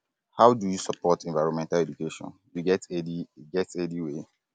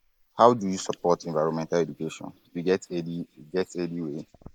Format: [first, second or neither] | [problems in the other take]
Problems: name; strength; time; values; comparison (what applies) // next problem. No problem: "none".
first | noise reduction (neural mask model Resemble Enhance denoiser)